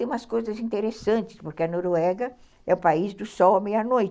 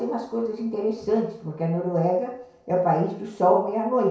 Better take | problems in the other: first | room echo; dies away in 0.6 s

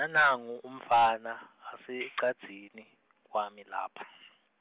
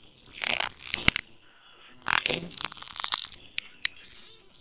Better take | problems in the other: first | noise reduction (neural separator model SepFormer WHAMR!)

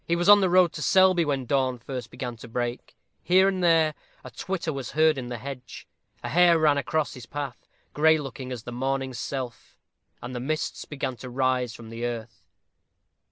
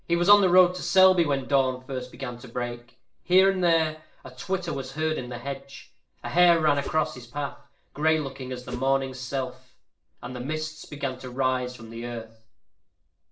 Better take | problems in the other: first | noise reduction (neural separator model SepFormer DNS4)

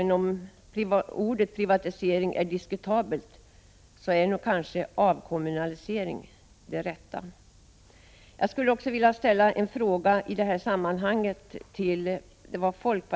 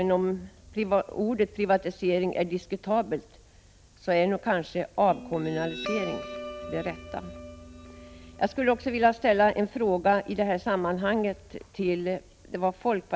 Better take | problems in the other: first | background sound (Guitar); 17 dB below the speech

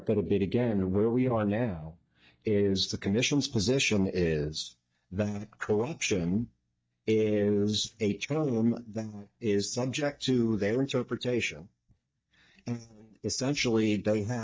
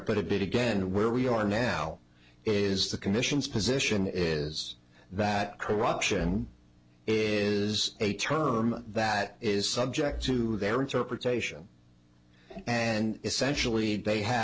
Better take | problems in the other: second | noise reduction (neural mask model DeepFilterNet 3)

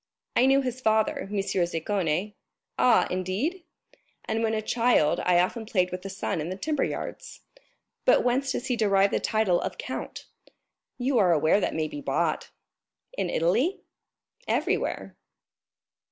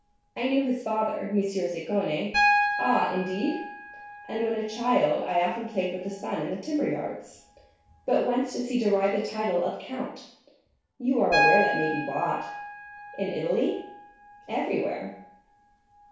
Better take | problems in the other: first | background sound (Piano); 5 dB below the speech // room echo; dies away in 0.6 s

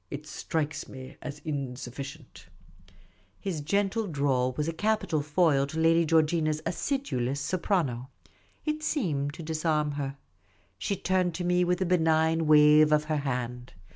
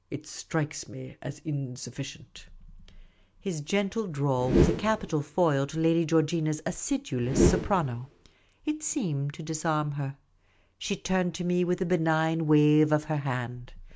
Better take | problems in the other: first | background sound (Whoosh, swoosh, swish); as loud as the speech

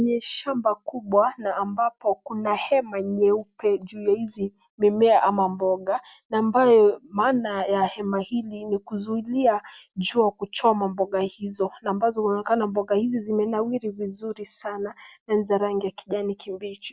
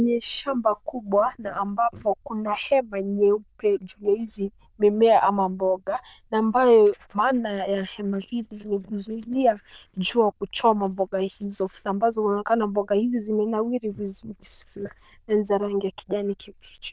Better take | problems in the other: first | noise reduction (neural diffusion model UNIVERSE++)

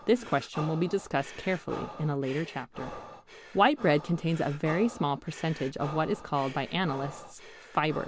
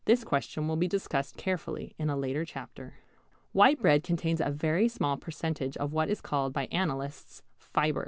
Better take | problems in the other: second | background sound (Breathing); 14 dB below the speech

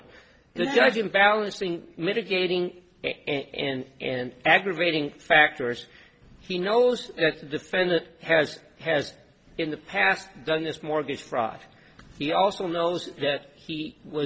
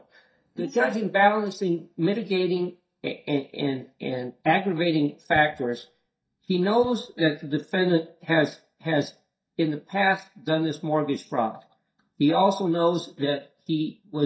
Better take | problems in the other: first | noise reduction (neural mask model DeepFilterNet 3)

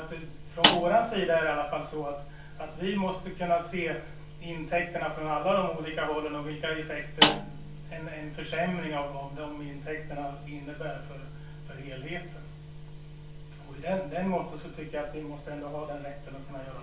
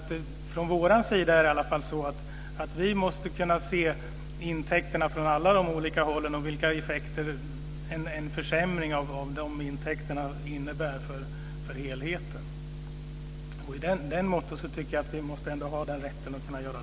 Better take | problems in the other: second | background sound (Snare drum); 5 dB above the speech // room echo; dies away in 0.3 s

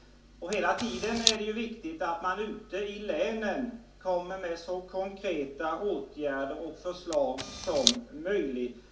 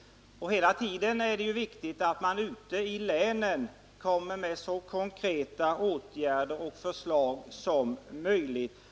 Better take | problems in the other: second | background sound (Camera); 1 dB above the speech // room echo; dies away in 0.4 s

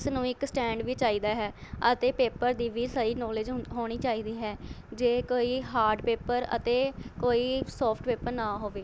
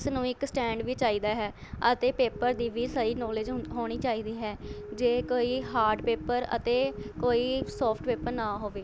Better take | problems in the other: first | background sound (Siren); 13 dB below the speech

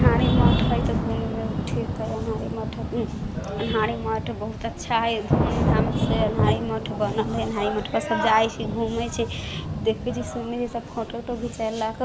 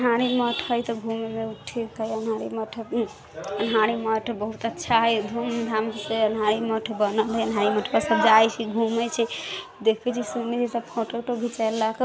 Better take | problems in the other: second | background sound (Thunder / Rain); 1 dB above the speech

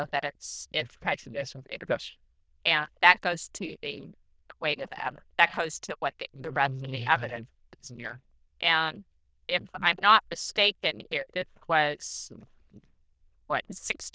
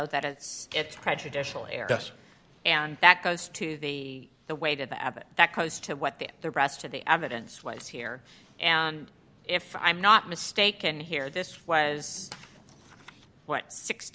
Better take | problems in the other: second | noise reduction (neural diffusion model UNIVERSE++)

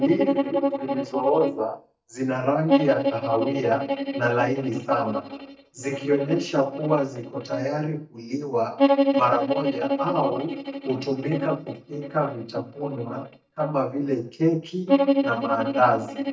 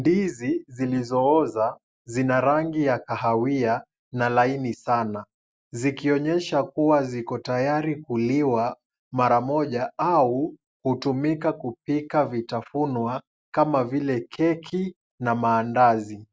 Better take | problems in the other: second | noise reduction (neural mask model DeepFilterNet 3)

